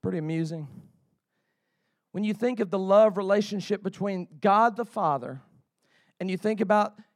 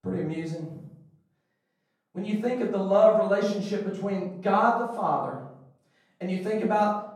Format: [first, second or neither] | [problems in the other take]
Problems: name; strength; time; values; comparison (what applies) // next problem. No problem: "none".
first | off-mic speech; far // room echo; noticeable; dies away in 0.6 s